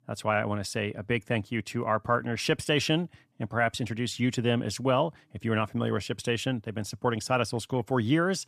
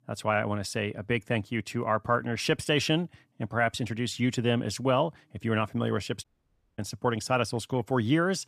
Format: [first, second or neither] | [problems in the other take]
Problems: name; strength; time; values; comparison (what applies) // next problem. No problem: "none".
first | audio cutting out; at 6 s for 0.5 s